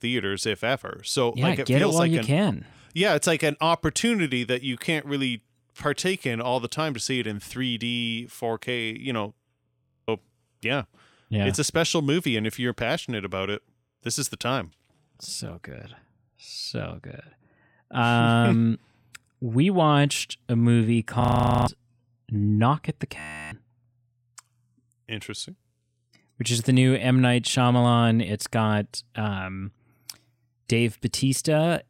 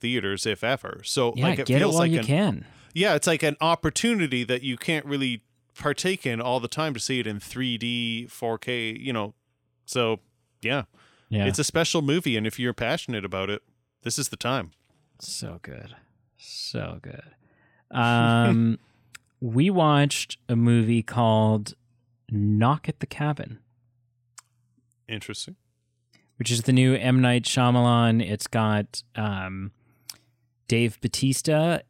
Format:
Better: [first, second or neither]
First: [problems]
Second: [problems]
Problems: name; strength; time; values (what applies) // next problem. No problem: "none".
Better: second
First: audio freezing; at 10 s, at 21 s and at 23 s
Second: none